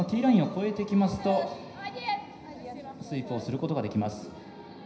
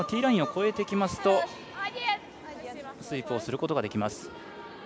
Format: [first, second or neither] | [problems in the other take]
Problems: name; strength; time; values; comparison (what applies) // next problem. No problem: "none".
second | room echo; dies away in 0.9 s